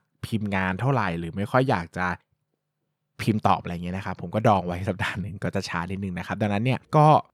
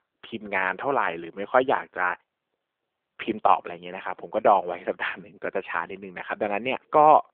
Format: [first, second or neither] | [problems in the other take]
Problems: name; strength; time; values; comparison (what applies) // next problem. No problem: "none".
first | phone-call audio